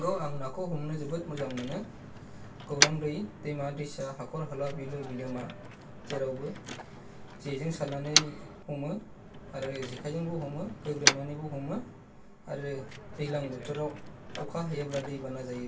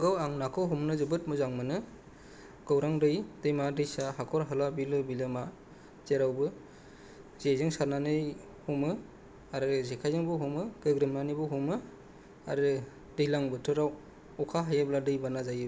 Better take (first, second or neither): second